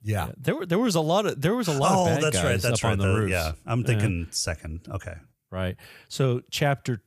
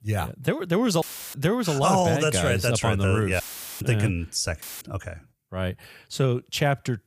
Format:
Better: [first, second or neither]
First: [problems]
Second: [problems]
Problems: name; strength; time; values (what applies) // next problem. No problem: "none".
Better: first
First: none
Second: audio cutting out; filled with static; at 1 s, at 3.5 s and at 4.5 s